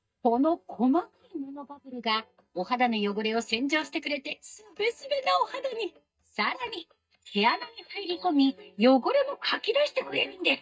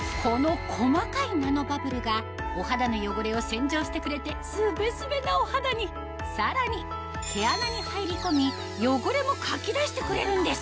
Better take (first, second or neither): second